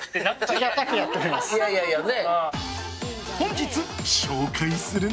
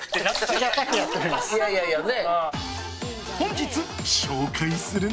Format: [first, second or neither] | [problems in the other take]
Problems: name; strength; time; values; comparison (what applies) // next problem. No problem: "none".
first | background sound (Sink (filling or washing) / Water / Splash, splatter); 9 dB below the speech